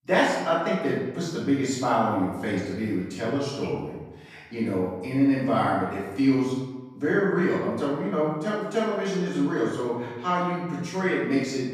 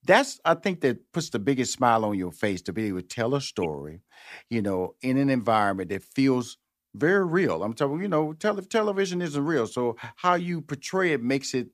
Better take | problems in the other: second | off-mic speech; far // room echo; strong; dies away in 1 s

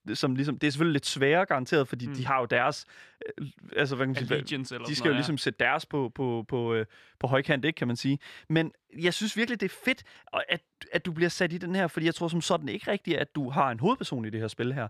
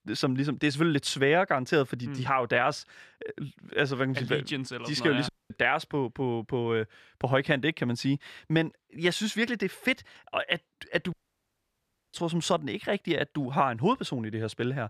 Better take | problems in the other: first | audio cutting out; at 5.5 s and at 11 s for 1 s

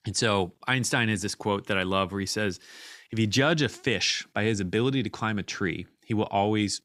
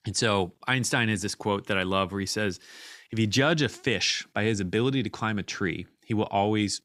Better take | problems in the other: neither | none

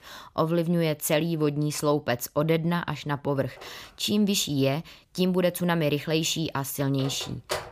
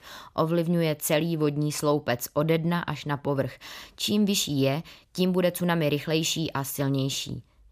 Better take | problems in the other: second | phone ringing; noticeable; from 3.5 s on; peak 7 dB below the speech

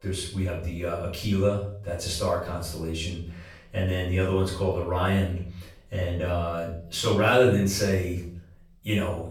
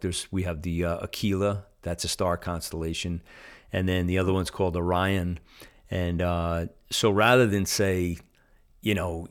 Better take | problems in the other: second | off-mic speech; far // room echo; noticeable; dies away in 0.5 s

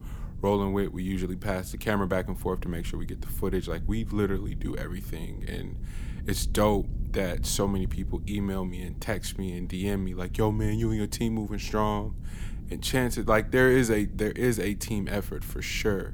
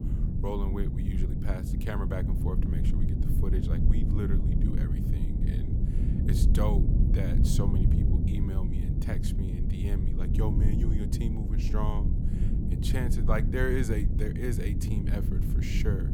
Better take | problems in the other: first | low rumble; loud; throughout; 2 dB below the speech; faint in the first

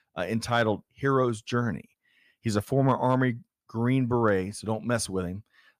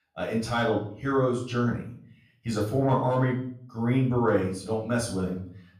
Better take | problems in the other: first | off-mic speech; far // room echo; noticeable; dies away in 0.5 s

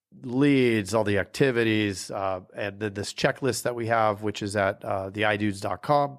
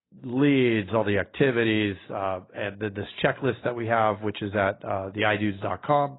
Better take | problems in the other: first | garbled, watery; badly; nothing above 4 kHz

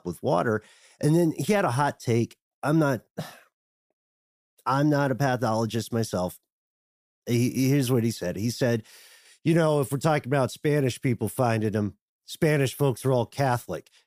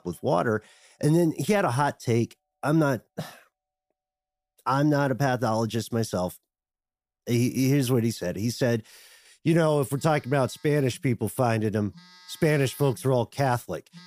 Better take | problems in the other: first | alarms or sirens; faint; throughout; 25 dB below the speech

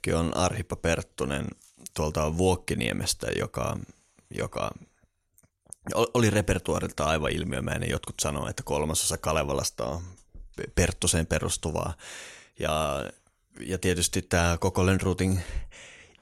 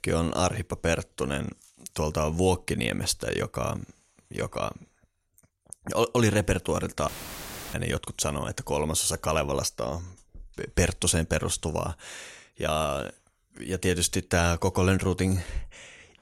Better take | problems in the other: first | audio cutting out; filled with static; at 7 s for 0.5 s

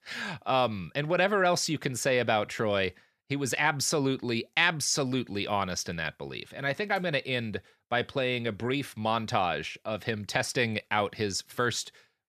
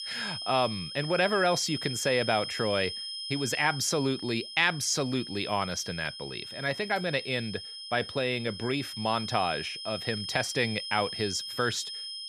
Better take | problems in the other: first | high-pitched whine; loud; throughout; 5 kHz, 7 dB below the speech

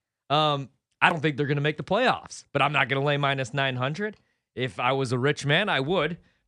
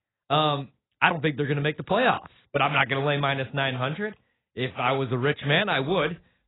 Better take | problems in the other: first | garbled, watery; badly; nothing above 4 kHz

